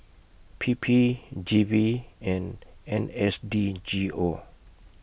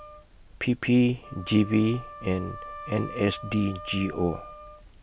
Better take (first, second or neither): first